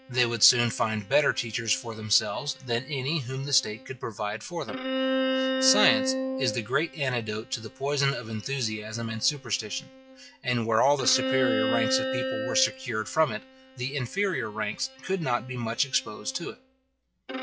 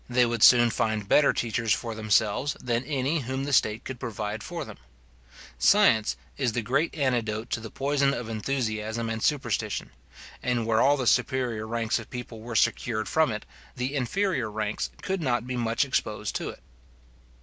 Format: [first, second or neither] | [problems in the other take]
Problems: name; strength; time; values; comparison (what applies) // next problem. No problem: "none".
second | noise reduction (classical method log-MMSE)